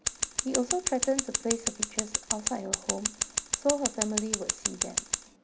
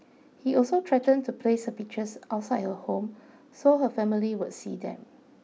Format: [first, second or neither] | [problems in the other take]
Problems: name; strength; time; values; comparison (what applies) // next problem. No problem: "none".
second | background sound (Scissors); 2 dB above the speech